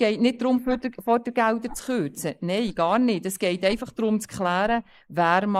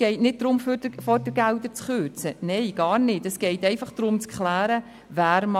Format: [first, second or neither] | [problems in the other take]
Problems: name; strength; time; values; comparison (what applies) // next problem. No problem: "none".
second | noise reduction (neural mask model Resemble Enhance denoiser)